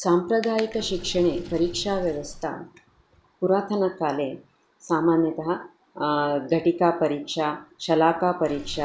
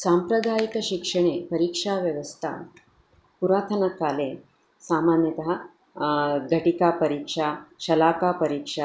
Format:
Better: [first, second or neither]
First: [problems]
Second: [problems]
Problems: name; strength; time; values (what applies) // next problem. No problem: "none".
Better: second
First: background sound (Sink (filling or washing) / Water); 19 dB below the speech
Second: none